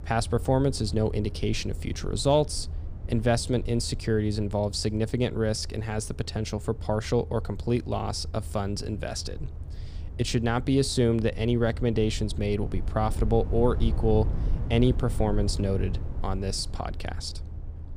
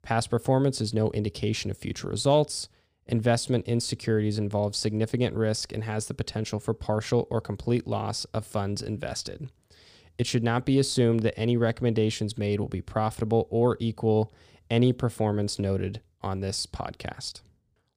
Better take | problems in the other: second | low rumble; noticeable; throughout; 20 dB below the speech

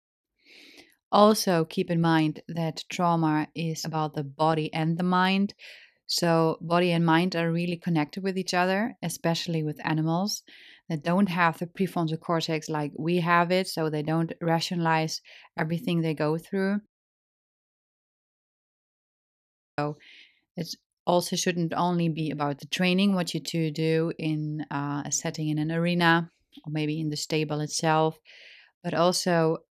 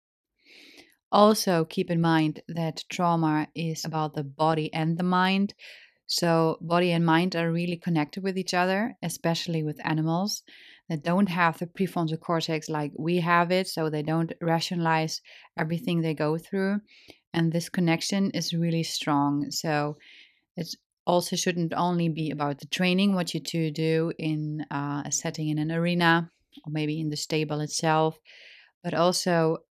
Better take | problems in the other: second | audio cutting out; at 17 s for 3 s

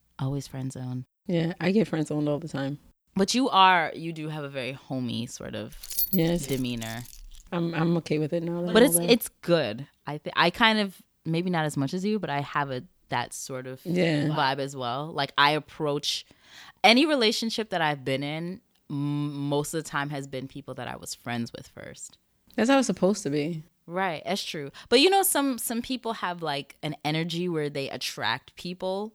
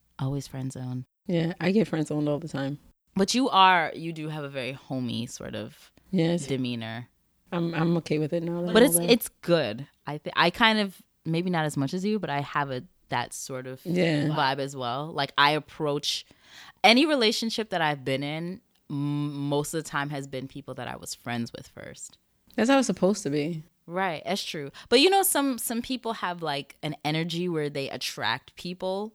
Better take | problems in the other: second | jangling keys; loud; from 5.5 to 7.5 s; peak level with the speech

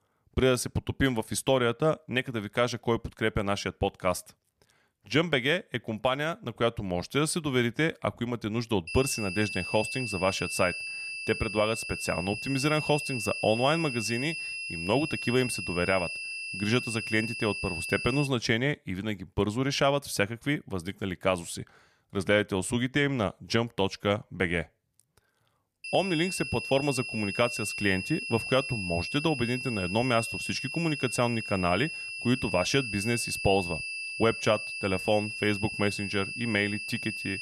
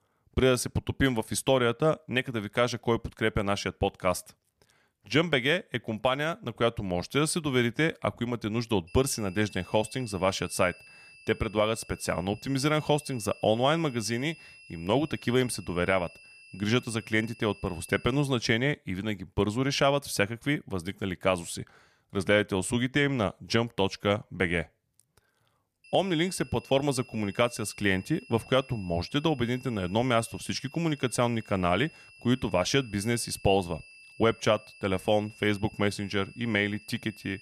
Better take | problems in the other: second | high-pitched whine; loud; from 9 to 18 s and from 26 s on; 2.5 kHz, 5 dB below the speech; faint in the second

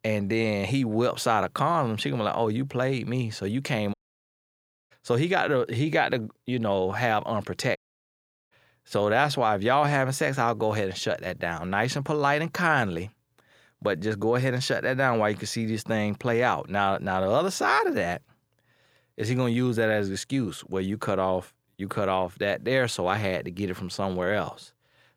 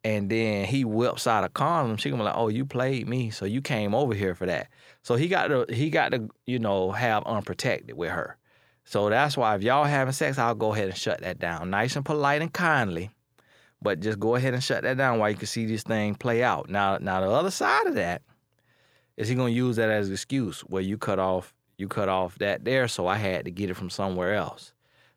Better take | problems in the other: second | audio cutting out; at 4 s for 1 s and at 8 s for 1 s

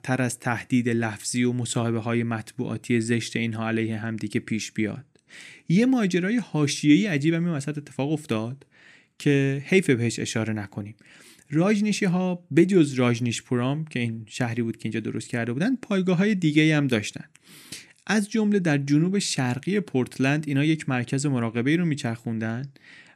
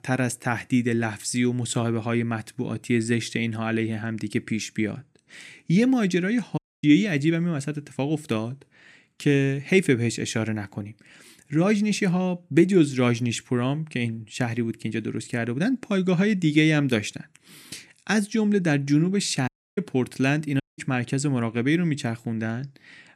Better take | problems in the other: first | audio cutting out; at 6.5 s, at 19 s and at 21 s

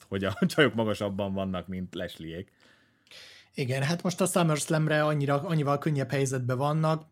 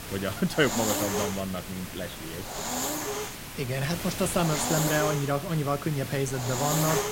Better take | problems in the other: first | hiss; loud; throughout; 3 dB below the speech

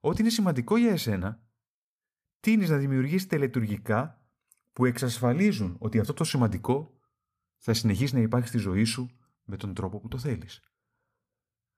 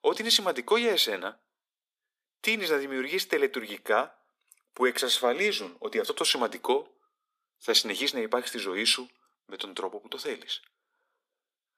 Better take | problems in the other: first | thin; very; fading below 350 Hz

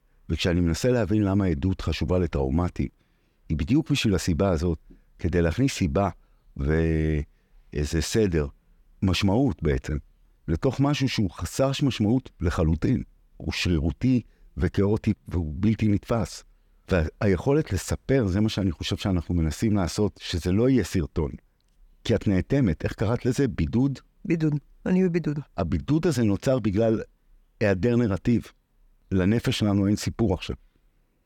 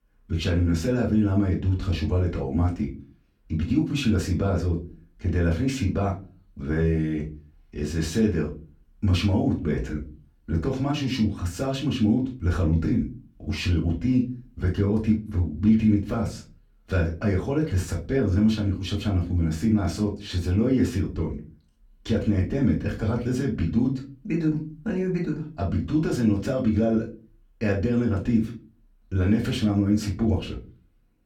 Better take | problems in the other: first | off-mic speech; far // room echo; very slight; dies away in 0.2 s

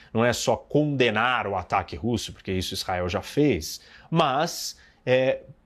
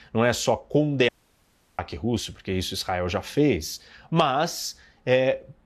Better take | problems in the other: first | audio cutting out; at 1 s for 0.5 s

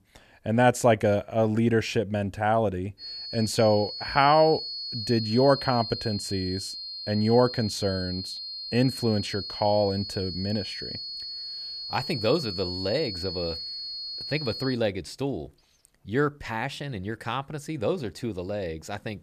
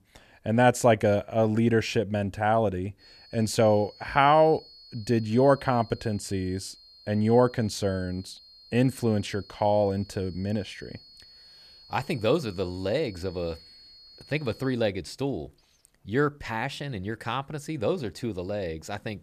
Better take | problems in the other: second | high-pitched whine; loud; from 3 to 15 s; 4.5 kHz, 7 dB below the speech; faint in the second

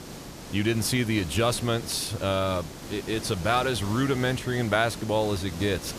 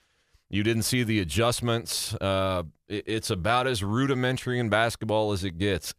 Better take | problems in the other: second | hiss; noticeable; throughout; 10 dB below the speech

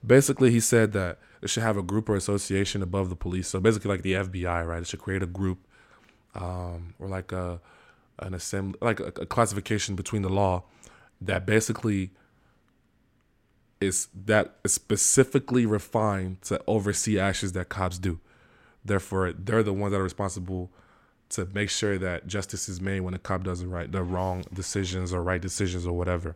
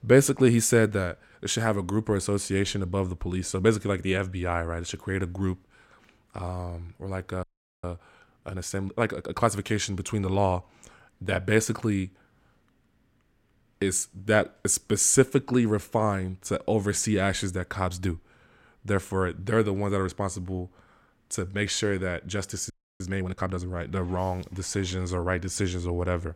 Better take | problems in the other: first | audio freezing; at 7.5 s and at 23 s

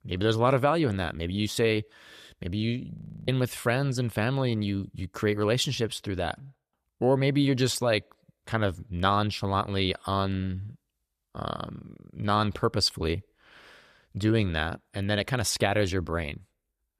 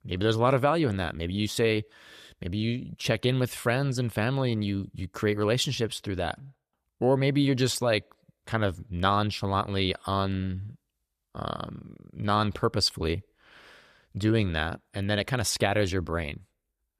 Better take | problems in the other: second | audio freezing; at 3 s

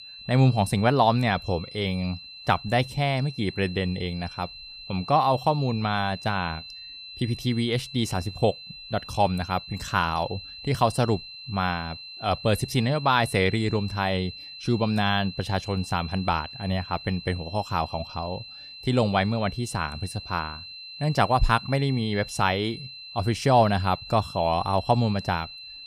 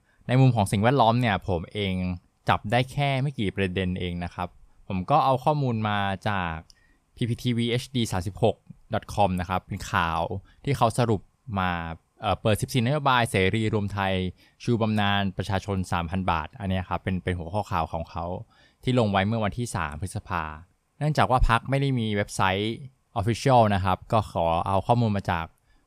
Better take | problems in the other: second | high-pitched whine; noticeable; throughout; 4 kHz, 15 dB below the speech

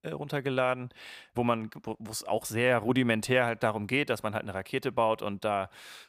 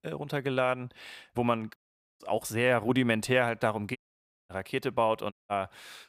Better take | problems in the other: first | audio cutting out; at 2 s, at 4 s for 0.5 s and at 5.5 s

